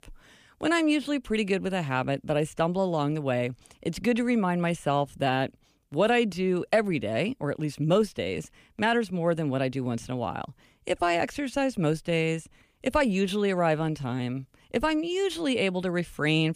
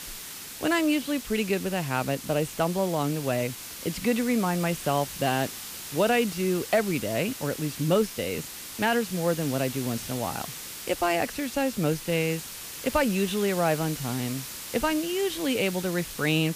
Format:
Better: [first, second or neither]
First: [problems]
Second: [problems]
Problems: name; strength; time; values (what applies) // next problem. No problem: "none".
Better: first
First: none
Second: hiss; loud; throughout; 9 dB below the speech